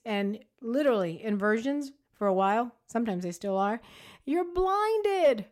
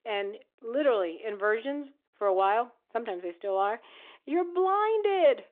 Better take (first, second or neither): first